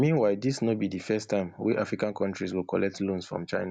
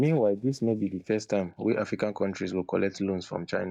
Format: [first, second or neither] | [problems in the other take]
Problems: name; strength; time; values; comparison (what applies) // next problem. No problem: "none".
first | noise reduction (neural mask model DeepFilterNet 3)